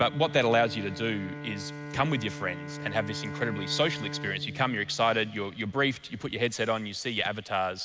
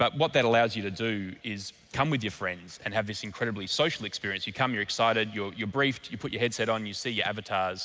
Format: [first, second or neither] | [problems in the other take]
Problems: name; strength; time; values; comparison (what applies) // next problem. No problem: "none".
second | background sound (Bowed string instrument); 11 dB below the speech